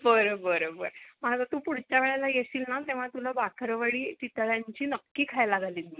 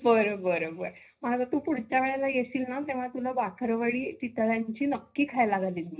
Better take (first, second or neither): first